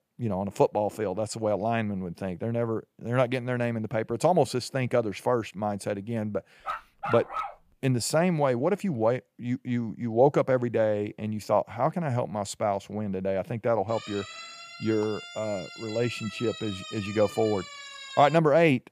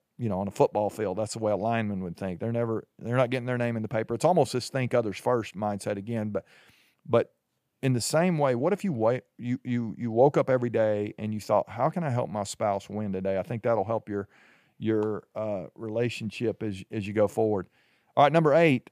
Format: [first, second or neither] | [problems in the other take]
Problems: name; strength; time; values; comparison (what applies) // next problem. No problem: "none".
second | dog barking; noticeable; at 6.5 s; peak 5 dB below the speech // siren; faint; from 14 to 18 s; peak 10 dB below the speech